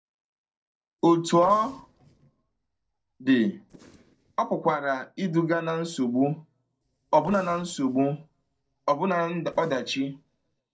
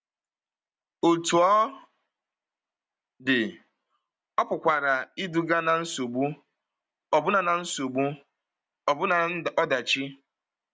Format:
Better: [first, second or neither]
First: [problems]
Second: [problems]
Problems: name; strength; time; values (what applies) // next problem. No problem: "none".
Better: second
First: noise reduction (neural separator model SepFormer DNS4)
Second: none